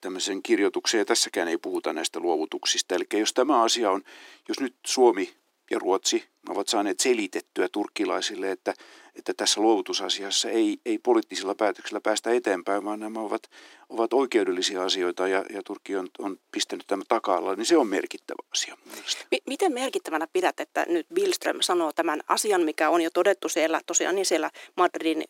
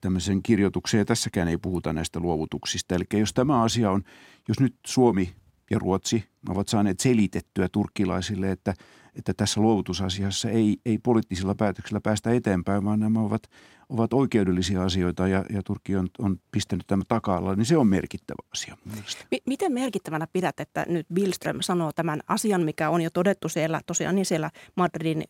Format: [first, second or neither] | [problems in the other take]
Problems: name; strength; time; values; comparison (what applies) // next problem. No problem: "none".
second | thin; very; fading below 300 Hz